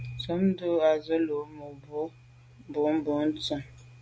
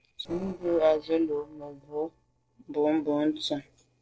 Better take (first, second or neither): first